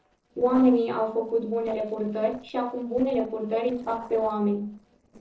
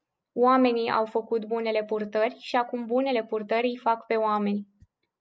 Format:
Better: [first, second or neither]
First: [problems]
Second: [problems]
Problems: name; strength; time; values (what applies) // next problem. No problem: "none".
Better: second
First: noise reduction (neural separator model SepFormer DNS4)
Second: none